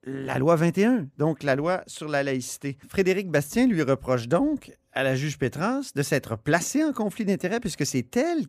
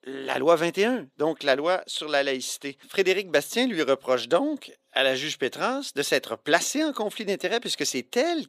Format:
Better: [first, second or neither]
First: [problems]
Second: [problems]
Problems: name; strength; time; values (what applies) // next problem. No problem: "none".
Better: first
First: none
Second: thin; somewhat; fading below 400 Hz